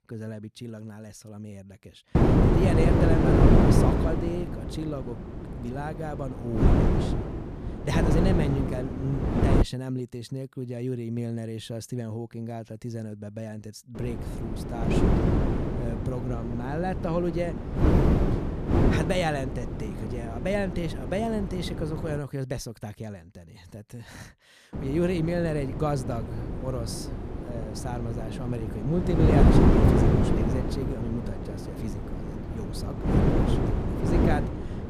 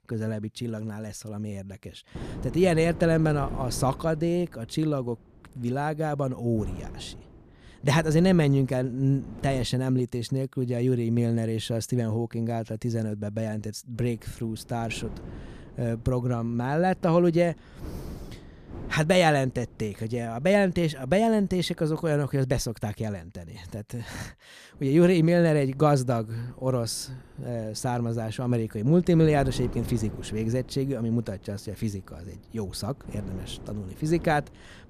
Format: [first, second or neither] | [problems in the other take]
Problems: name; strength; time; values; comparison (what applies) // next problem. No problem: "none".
second | wind noise on the microphone; heavy; from 2 to 9.5 s, from 14 to 22 s and from 25 s on; 3 dB above the speech; occasional gusts in the second